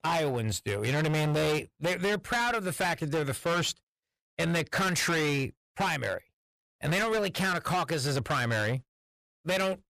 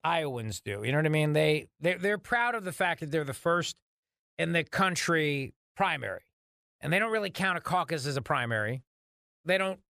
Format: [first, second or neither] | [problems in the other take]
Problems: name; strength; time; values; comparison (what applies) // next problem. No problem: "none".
second | distortion; heavy; 21% of the sound clipped